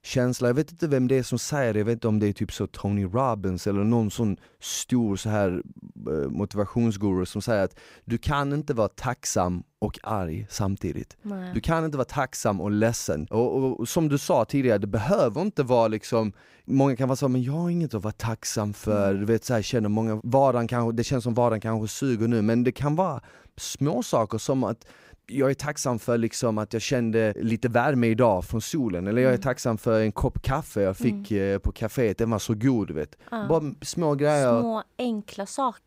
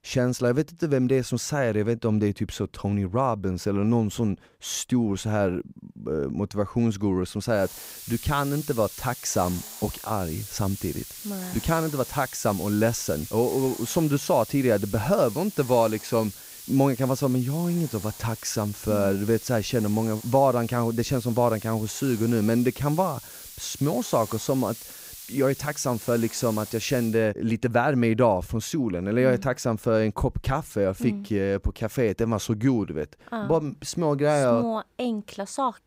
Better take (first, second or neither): first